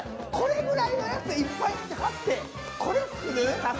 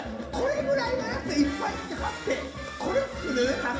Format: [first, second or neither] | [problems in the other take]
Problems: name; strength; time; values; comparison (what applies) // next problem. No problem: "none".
first | room echo; dies away in 0.6 s